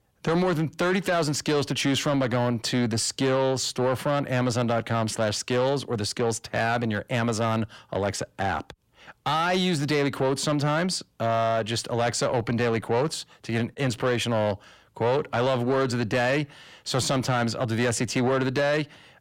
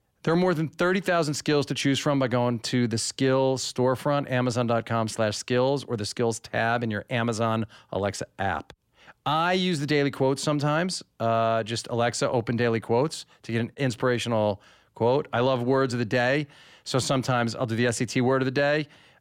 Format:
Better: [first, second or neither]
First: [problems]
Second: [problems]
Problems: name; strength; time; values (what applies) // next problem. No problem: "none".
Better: second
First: distortion; slight; 10 dB below the speech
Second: none